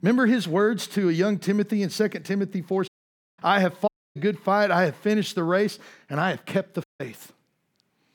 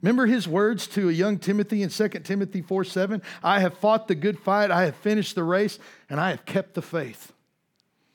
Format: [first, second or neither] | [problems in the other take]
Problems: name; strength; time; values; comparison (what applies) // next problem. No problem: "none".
second | audio cutting out; at 3 s for 0.5 s, at 4 s and at 7 s